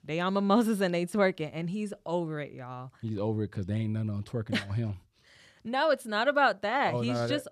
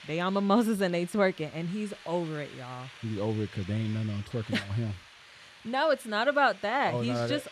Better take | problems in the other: first | hiss; noticeable; throughout; 20 dB below the speech

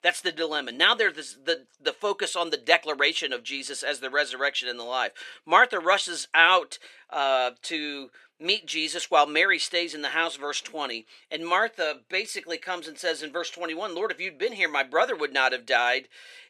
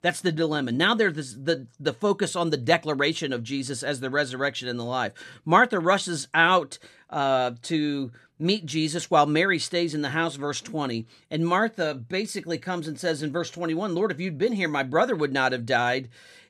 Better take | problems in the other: second | thin; very; fading below 450 Hz

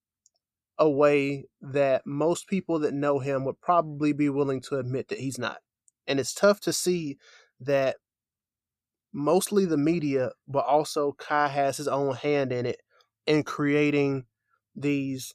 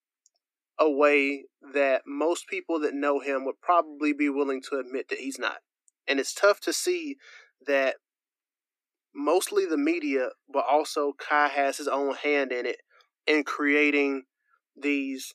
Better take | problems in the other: first | thin; very slightly; fading below 250 Hz

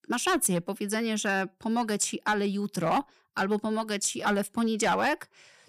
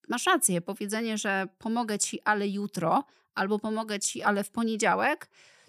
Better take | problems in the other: second | distortion; slight; 5% of the sound clipped

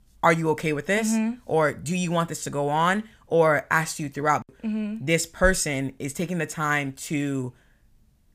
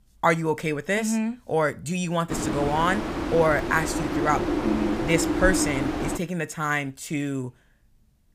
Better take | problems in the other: first | wind noise on the microphone; heavy; from 2.5 to 6 s; 4 dB below the speech

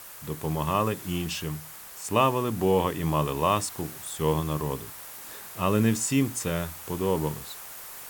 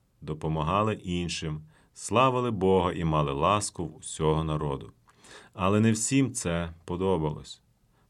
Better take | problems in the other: second | hiss; noticeable; throughout; 10 dB below the speech

